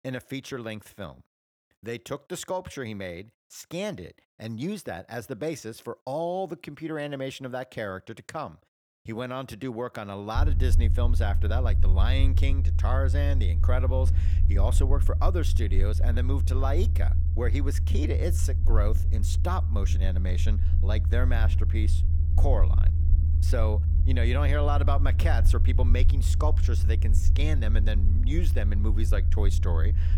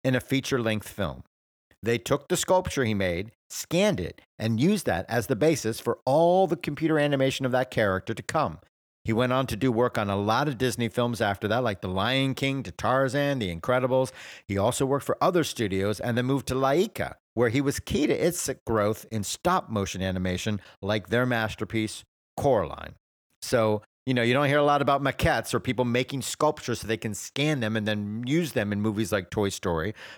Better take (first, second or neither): second